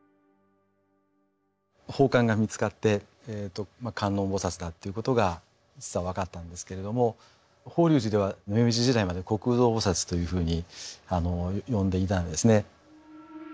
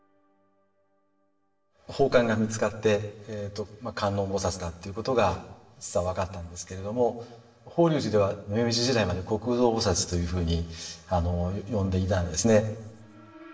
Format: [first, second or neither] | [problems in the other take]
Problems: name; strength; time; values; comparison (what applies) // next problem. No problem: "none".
first | room echo; dies away in 0.8 s